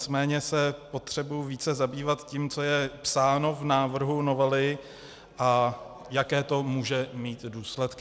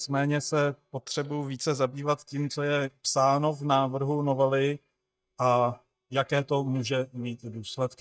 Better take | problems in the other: first | noise reduction (neural mask model DeepFilterNet 3)

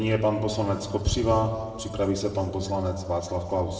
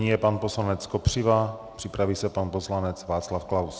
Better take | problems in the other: second | room echo; dies away in 1.5 s

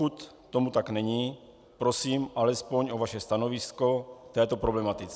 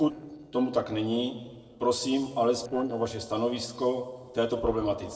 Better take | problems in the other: first | noise reduction (neural separator model SepFormer DNS4)

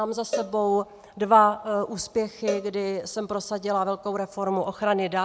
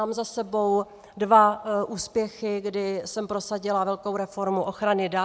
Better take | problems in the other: second | background sound (Cowbell); 13 dB below the speech

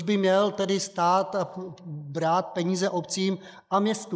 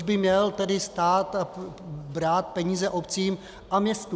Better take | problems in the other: second | noise reduction (neural mask model Resemble Enhance denoiser)

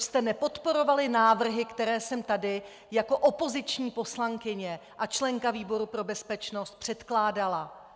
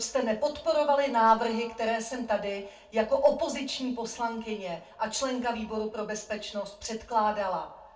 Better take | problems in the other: first | room echo; dies away in 0.2 s

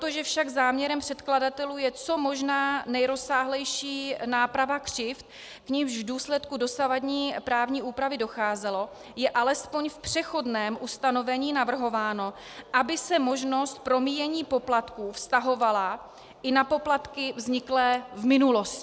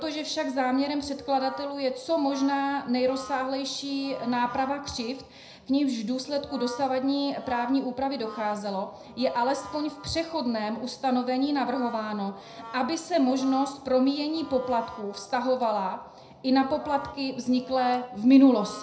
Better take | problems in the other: first | background sound (Brass instrument); 19 dB below the speech // room echo; dies away in 0.5 s

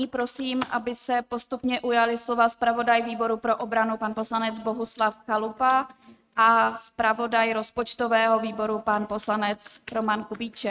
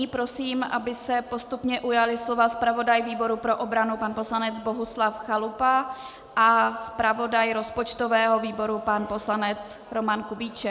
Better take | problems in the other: second | noise reduction (neural mask model RNNoise)

